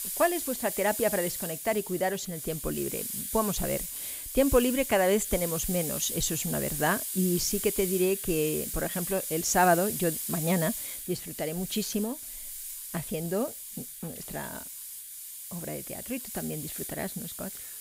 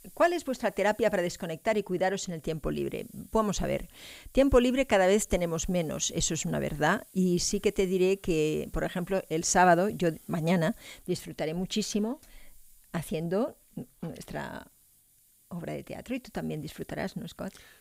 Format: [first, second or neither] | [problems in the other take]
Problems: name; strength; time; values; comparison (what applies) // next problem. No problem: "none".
second | hiss; loud; throughout; 4 dB below the speech; faint in the second